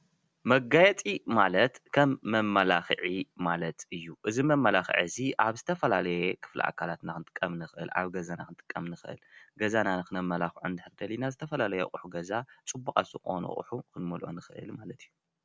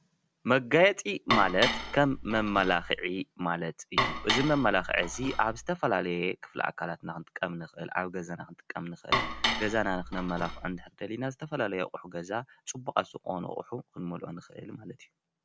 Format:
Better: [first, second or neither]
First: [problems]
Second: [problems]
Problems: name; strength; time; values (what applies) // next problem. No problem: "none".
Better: first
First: none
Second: background sound (Dishes, pots, and pans); 2 dB below the speech